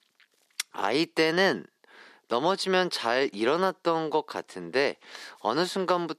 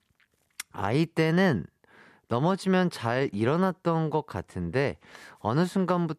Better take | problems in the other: second | thin; somewhat; fading below 300 Hz

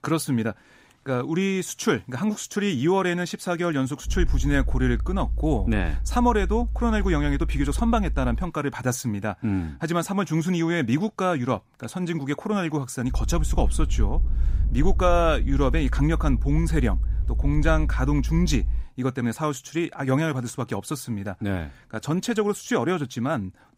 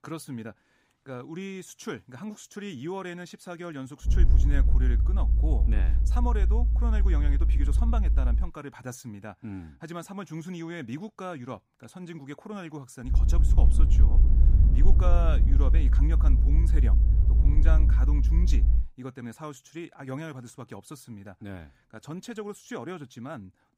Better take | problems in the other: first | low rumble; loud; from 4 to 8.5 s and from 13 to 19 s; 4 dB below the speech; faint in the first

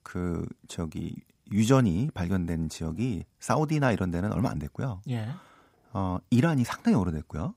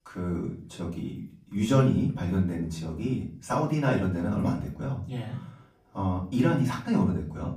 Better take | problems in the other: first | off-mic speech; far // room echo; slight; dies away in 0.4 s

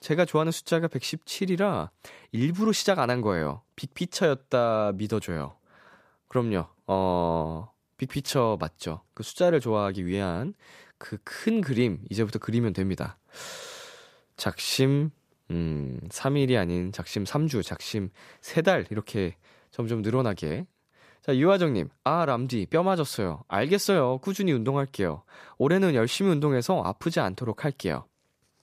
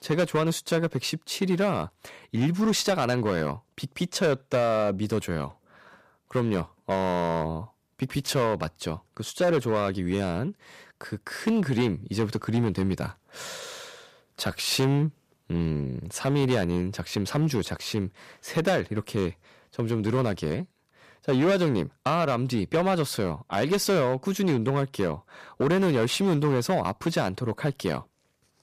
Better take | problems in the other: first | distortion; slight; 7% of the sound clipped

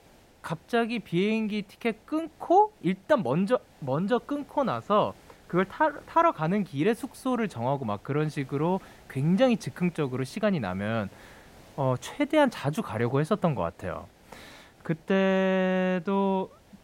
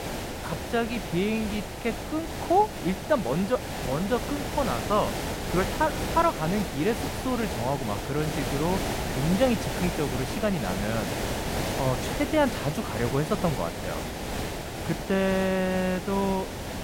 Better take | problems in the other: first | hiss; loud; throughout; 4 dB below the speech; faint in the first

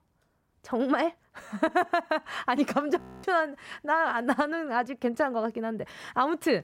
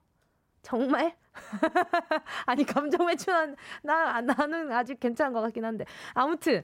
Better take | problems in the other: second | audio freezing; at 3 s

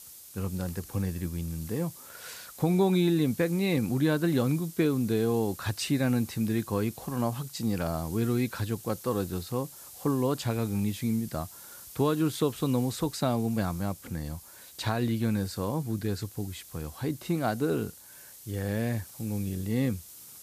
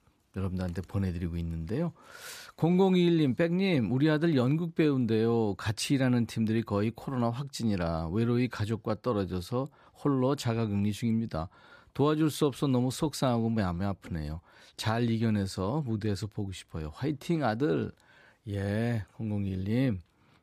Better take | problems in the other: second | hiss; noticeable; throughout; 15 dB below the speech

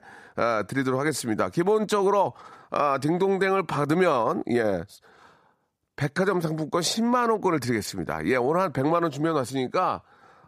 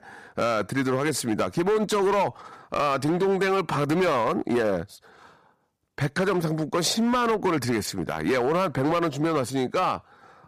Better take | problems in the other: first | distortion; slight; 11% of the sound clipped

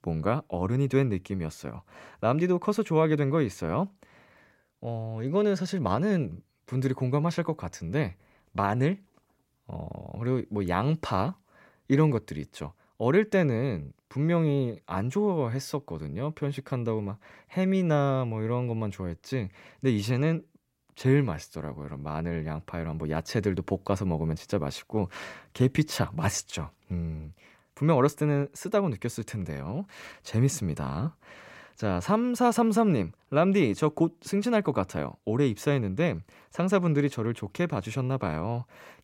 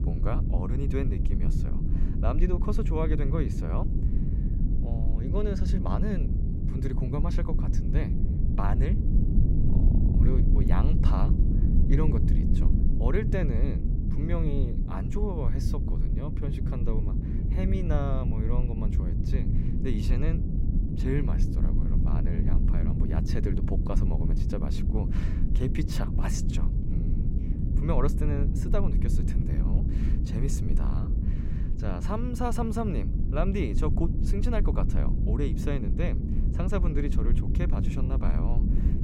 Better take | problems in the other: first | low rumble; loud; throughout; 3 dB below the speech

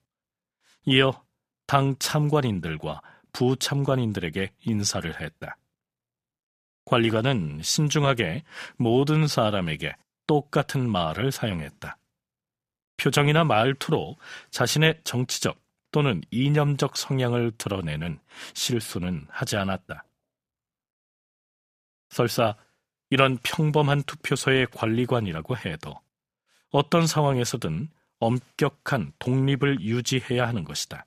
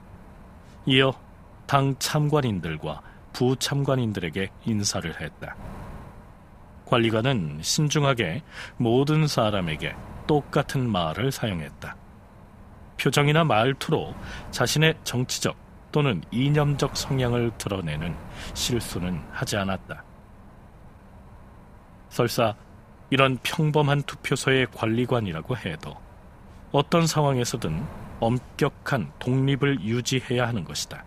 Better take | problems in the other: first | wind noise on the microphone; occasional gusts; 25 dB below the speech

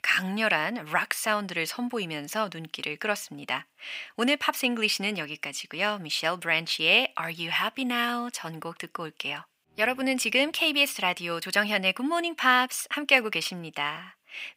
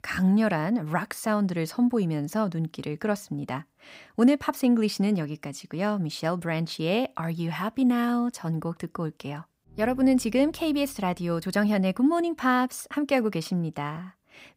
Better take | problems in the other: second | thin; somewhat; fading below 1 kHz

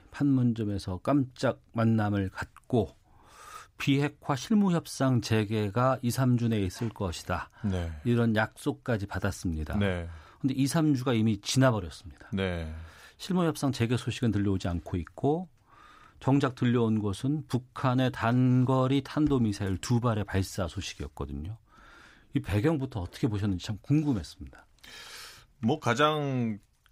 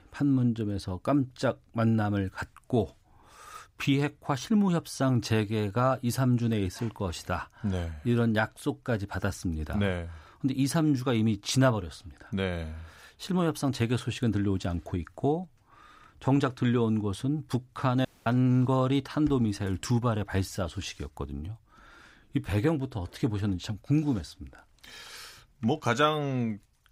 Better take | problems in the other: first | audio cutting out; at 18 s

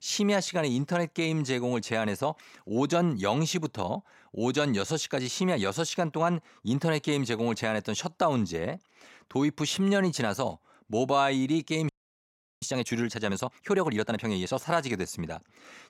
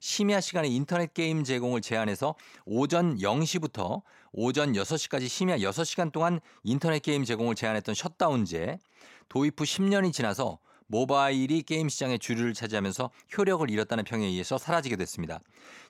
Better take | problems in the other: second | audio freezing; at 12 s for 0.5 s

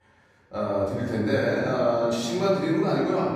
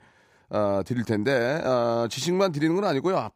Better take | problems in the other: second | room echo; noticeable; dies away in 1.6 s // off-mic speech; far

